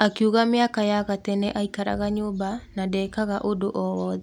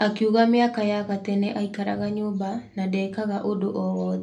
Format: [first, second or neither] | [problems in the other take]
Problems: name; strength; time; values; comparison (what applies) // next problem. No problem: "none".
first | room echo; dies away in 0.3 s